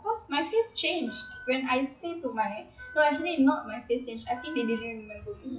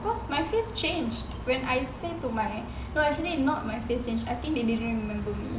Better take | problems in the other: second | noise reduction (classical method WPE with log-MMSE)

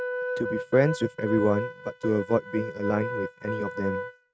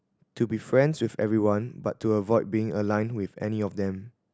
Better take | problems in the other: second | noise reduction (neural mask model RNNoise)

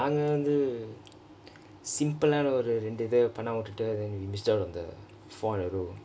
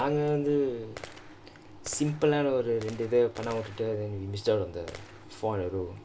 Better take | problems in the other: first | background sound (Gunshot, gunfire); 19 dB below the speech

